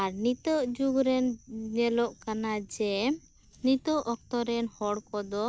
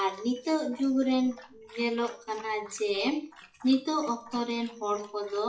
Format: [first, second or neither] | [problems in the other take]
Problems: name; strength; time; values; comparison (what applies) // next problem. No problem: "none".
first | noise reduction (classical method WPE with log-MMSE)